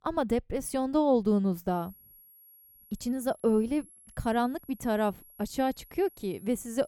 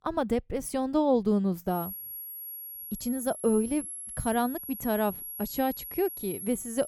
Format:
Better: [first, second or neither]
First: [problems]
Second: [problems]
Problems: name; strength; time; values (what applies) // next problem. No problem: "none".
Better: first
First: high-pitched whine; faint; from 1.5 s on; 11.5 kHz, 25 dB below the speech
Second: high-pitched whine; loud; from 1.5 s on; 11.5 kHz, 8 dB below the speech